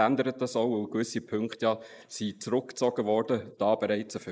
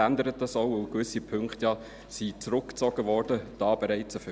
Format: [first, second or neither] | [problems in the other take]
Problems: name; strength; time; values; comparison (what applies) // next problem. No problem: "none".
second | noise reduction (neural mask model Resemble Enhance denoiser)